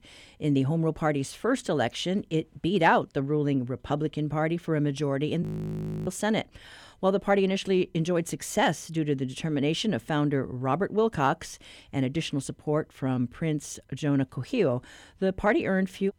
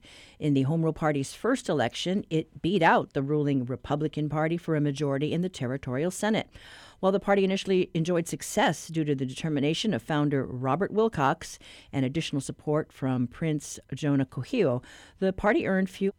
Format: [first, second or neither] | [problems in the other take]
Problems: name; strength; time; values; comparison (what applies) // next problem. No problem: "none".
second | audio freezing; at 5.5 s for 0.5 s